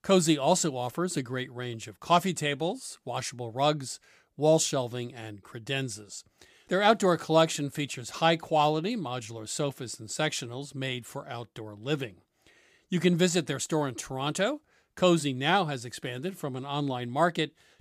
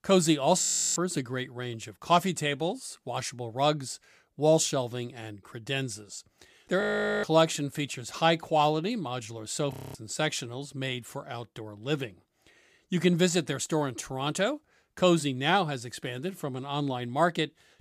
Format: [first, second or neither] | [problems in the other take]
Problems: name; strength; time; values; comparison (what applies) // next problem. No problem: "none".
first | audio freezing; at 0.5 s, at 7 s and at 9.5 s